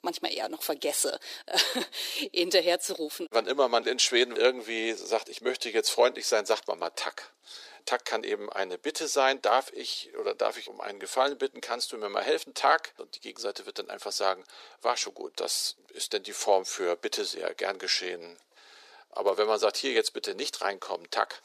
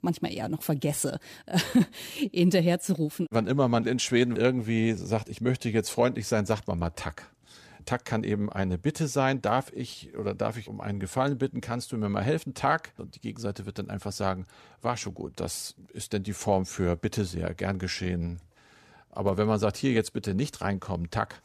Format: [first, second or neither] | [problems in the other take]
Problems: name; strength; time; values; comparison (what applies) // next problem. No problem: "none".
second | thin; very; fading below 350 Hz